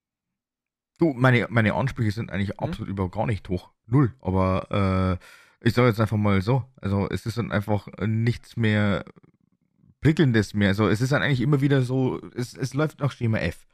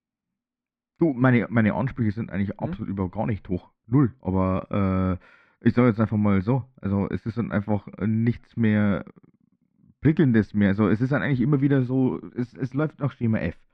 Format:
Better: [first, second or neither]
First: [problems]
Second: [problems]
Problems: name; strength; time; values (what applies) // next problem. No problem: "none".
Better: first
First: none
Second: muffled; slightly; fading above 2.5 kHz